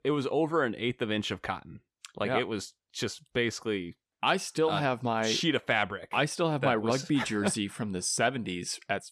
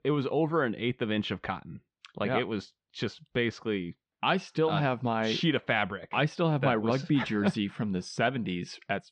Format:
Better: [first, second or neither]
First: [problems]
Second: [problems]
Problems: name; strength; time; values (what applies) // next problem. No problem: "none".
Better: first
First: none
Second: muffled; slightly; fading above 4 kHz